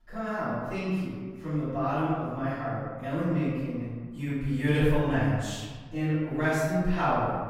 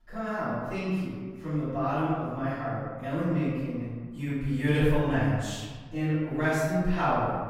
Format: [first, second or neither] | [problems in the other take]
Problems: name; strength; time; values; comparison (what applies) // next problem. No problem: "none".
neither | off-mic speech; far; the same in both // room echo; strong; dies away in 1.4 s; the same in both